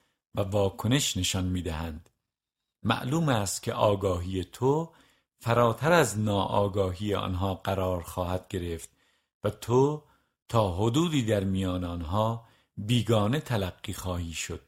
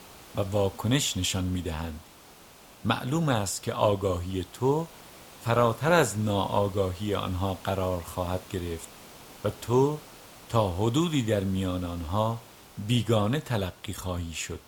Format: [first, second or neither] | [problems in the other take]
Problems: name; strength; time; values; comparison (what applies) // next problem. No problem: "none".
first | hiss; faint; throughout; 20 dB below the speech